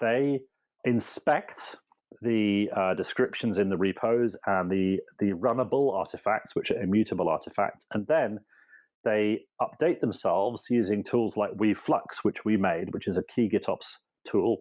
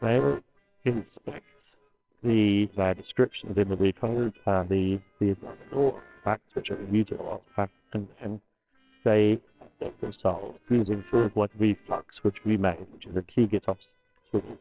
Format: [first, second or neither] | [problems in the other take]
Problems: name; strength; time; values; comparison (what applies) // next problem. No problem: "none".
first | noise reduction (neural separator model SepFormer WHAMR!)